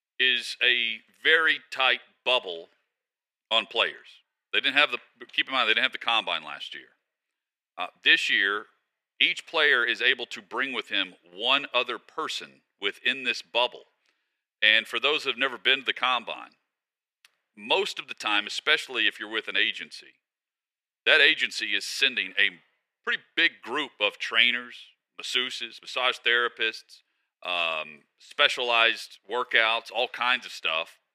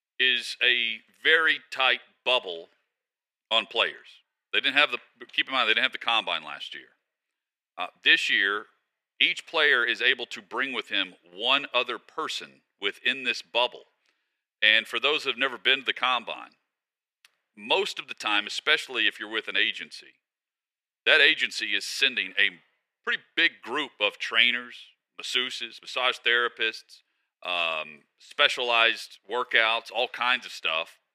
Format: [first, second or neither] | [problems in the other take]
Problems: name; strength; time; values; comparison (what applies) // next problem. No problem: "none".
neither | thin; very; fading below 700 Hz; the same in both